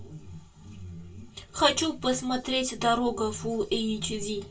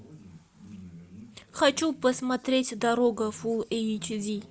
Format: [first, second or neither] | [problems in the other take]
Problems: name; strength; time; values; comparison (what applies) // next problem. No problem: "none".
second | room echo; dies away in 0.1 s